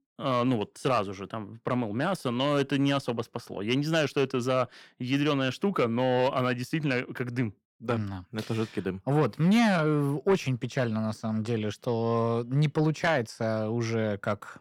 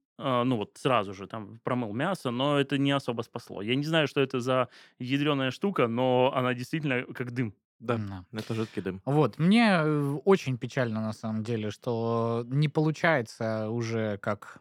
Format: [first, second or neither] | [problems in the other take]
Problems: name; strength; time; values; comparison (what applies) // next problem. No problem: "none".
second | distortion; slight; 10 dB below the speech